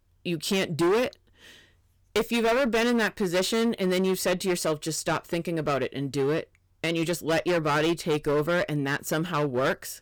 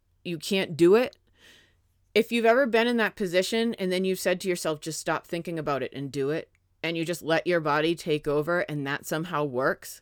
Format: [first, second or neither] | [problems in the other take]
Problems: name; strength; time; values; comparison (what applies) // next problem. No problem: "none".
second | distortion; heavy; 14% of the sound clipped